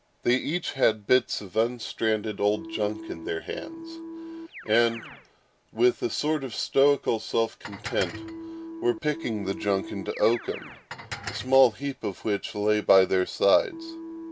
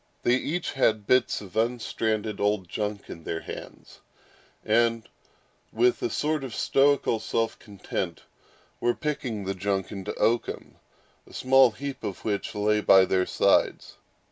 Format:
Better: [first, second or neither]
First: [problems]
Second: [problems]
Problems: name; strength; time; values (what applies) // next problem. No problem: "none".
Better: second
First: background sound (Keyboard (musical) + Dishes, pots, and pans); 14 dB below the speech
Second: none